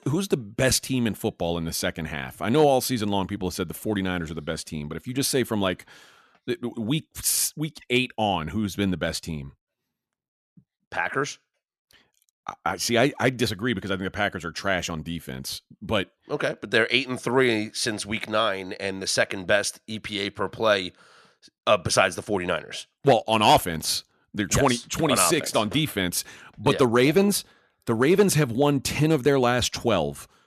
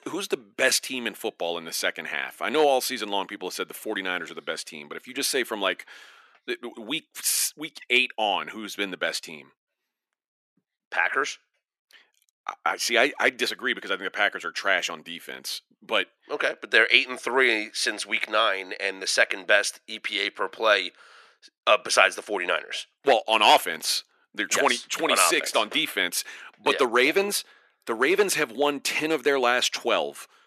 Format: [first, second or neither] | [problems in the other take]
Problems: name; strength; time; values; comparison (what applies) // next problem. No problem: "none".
first | thin; somewhat; fading below 350 Hz